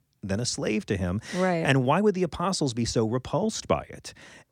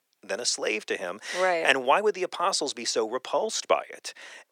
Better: first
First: none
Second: thin; very; fading below 450 Hz

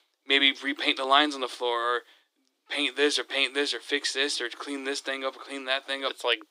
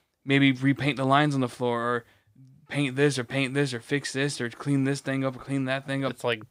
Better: second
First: thin; somewhat; fading below 300 Hz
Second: none

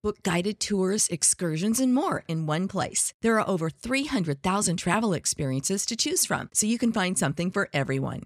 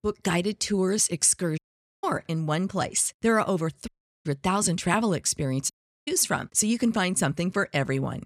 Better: first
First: none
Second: audio cutting out; at 1.5 s, at 4 s and at 5.5 s

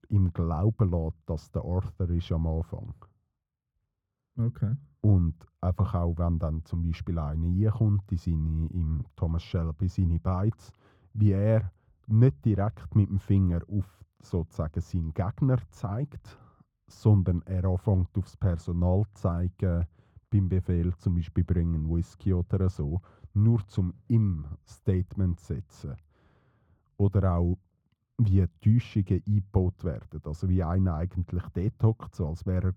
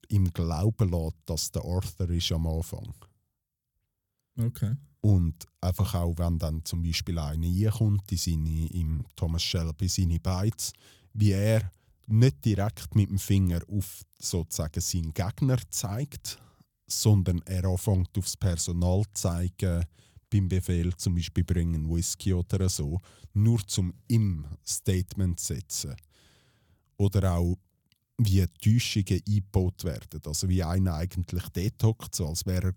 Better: second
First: muffled; very; fading above 3 kHz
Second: none

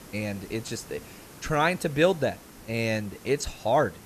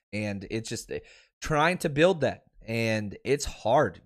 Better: second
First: hiss; noticeable; throughout; 20 dB below the speech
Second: none

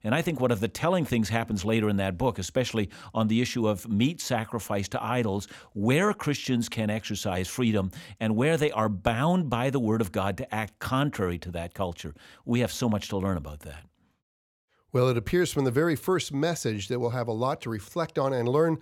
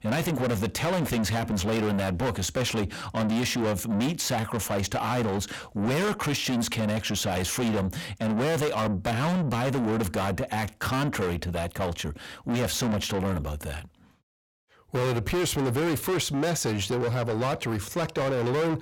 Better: first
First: none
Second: distortion; heavy; 5 dB below the speech

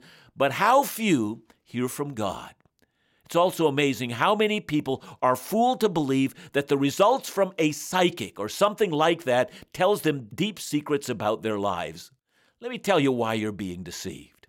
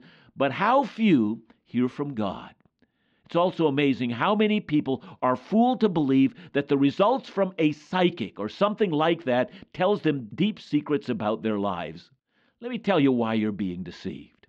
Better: first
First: none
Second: muffled; slightly; fading above 4 kHz

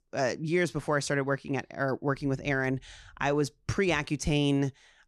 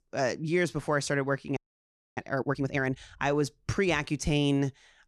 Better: first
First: none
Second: audio freezing; at 1.5 s for 0.5 s

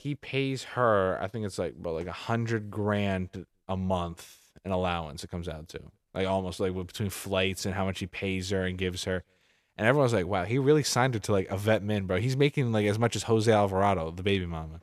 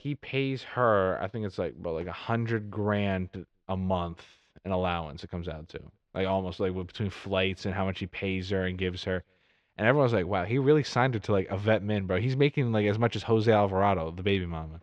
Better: first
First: none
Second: muffled; slightly; fading above 4 kHz

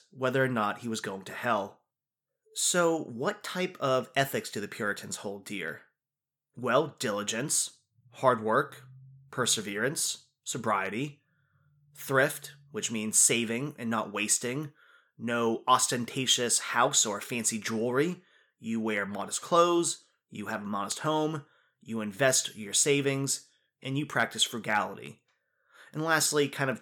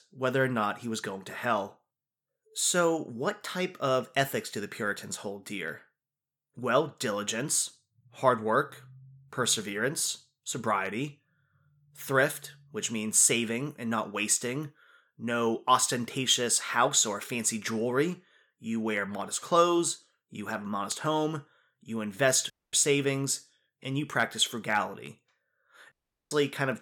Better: first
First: none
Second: audio cutting out; at 23 s and at 26 s

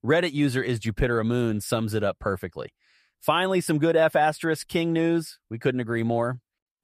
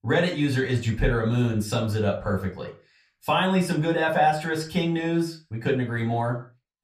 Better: first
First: none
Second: room echo; slight; dies away in 0.3 s // off-mic speech; far

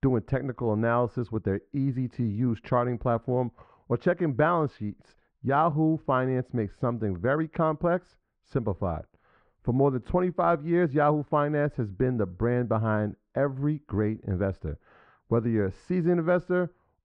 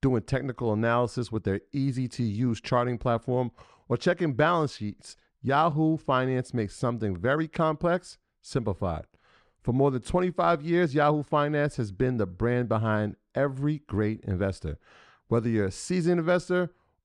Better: second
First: muffled; very; fading above 3.5 kHz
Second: none

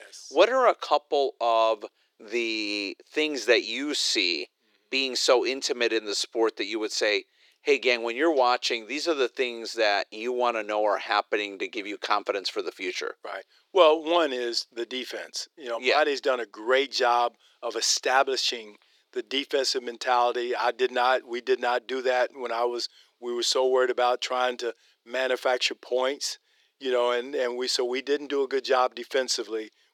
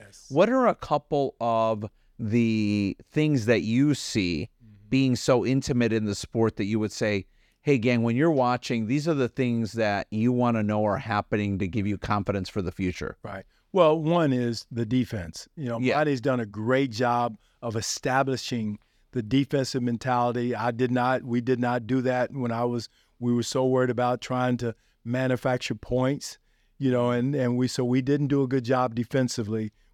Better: second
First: thin; very; fading below 350 Hz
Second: none

